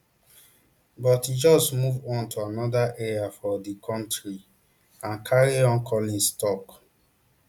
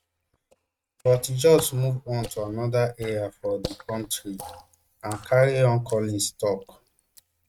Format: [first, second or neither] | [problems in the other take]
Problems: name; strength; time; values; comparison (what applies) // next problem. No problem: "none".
first | noise reduction (neural mask model RNNoise)